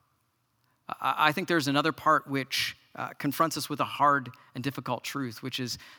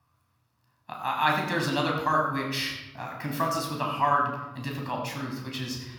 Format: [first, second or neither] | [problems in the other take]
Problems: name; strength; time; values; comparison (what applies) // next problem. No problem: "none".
first | off-mic speech; somewhat distant // room echo; noticeable; dies away in 0.9 s